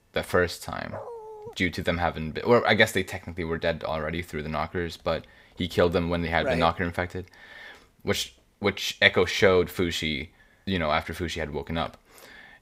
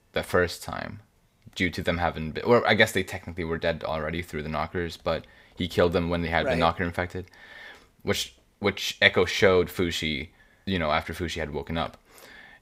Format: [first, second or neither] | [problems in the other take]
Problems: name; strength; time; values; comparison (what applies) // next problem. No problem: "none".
second | dog barking; faint; at 1 s; peak 15 dB below the speech